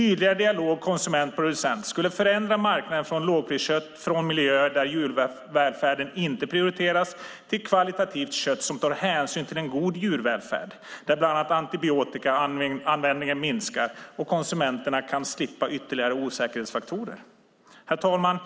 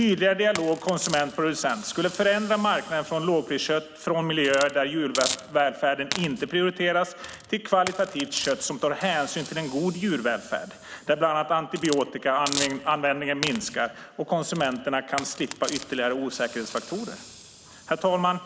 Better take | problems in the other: first | background sound (Hiss); 13 dB below the speech

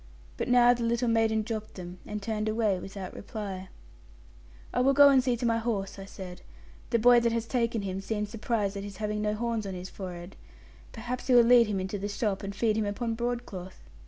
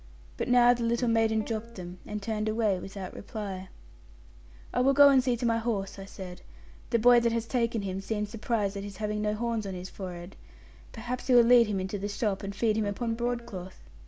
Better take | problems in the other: first | background sound (Guitar); 18 dB below the speech

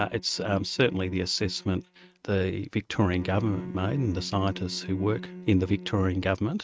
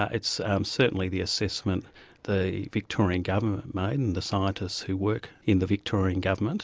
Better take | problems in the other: second | noise reduction (neural mask model RNNoise)

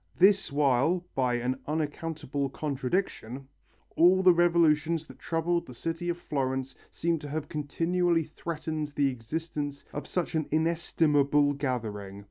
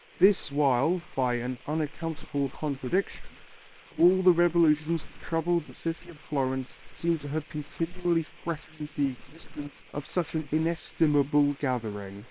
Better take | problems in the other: first | noise reduction (neural separator model SepFormer WHAM!)

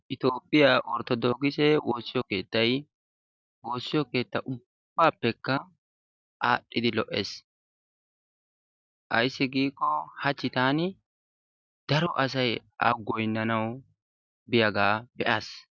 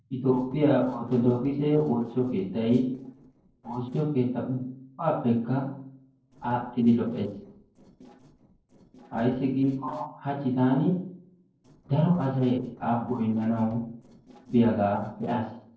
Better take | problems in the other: first | noise reduction (neural separator model SepFormer DNS4)

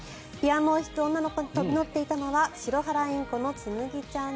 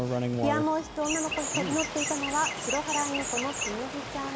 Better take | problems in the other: first | background sound (Chirp, tweet + Stream); 1 dB below the speech

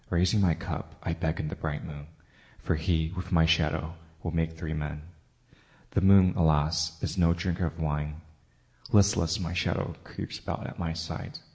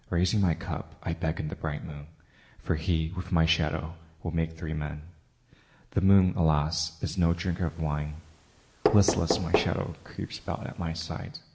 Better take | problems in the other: first | background sound (Knock); 5 dB below the speech

